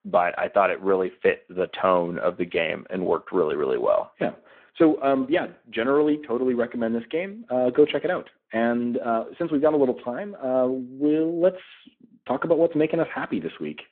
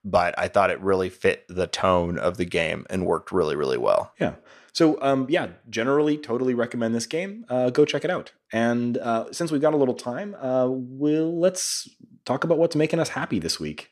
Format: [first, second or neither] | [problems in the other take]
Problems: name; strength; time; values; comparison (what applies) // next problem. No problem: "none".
second | phone-call audio